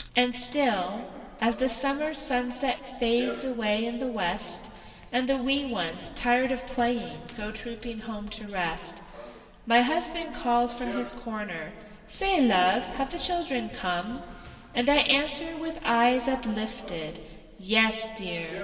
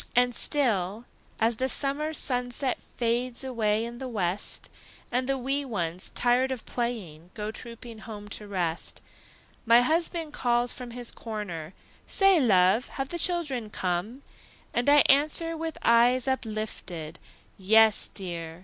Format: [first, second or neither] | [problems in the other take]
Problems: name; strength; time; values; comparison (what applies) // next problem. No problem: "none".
second | background sound (Run); 20 dB below the speech // room echo; dies away in 2.1 s